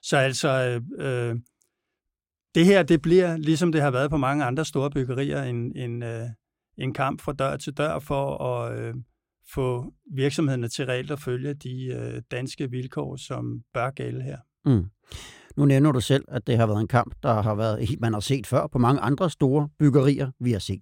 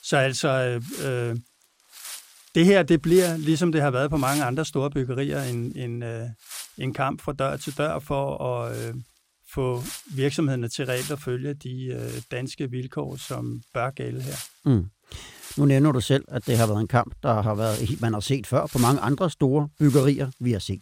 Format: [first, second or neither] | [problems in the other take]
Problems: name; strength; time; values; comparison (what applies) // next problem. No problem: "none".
first | wind noise on the microphone; occasional gusts; 15 dB below the speech